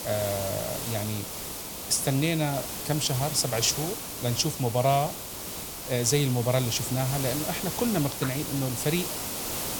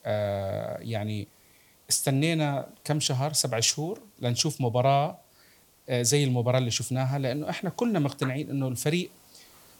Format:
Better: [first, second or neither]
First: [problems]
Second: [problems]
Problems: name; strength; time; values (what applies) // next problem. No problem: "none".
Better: second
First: hiss; loud; throughout; 5 dB below the speech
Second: hiss; faint; throughout; 30 dB below the speech